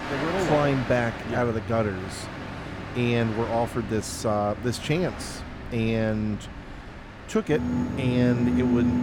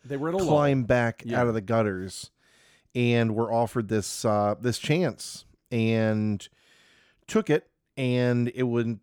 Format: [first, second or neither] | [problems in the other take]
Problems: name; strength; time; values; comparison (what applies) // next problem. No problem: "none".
second | train or aircraft noise; loud; throughout; 5 dB below the speech